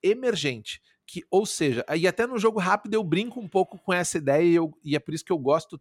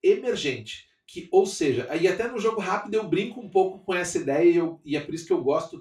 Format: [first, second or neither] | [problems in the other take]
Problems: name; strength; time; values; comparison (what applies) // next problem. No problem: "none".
first | room echo; slight; dies away in 0.3 s // off-mic speech; far